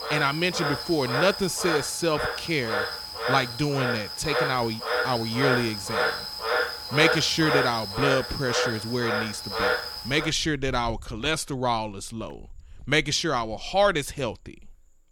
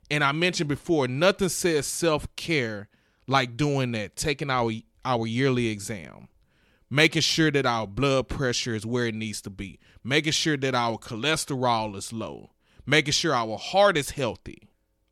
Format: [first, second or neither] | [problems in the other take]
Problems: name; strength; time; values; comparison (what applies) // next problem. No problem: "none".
second | animal sounds; loud; throughout; 2 dB below the speech